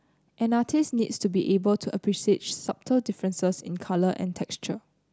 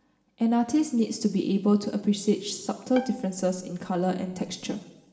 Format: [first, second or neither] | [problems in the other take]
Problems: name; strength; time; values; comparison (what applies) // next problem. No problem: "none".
first | background sound (Bowed string instrument); 18 dB below the speech // room echo; dies away in 1 s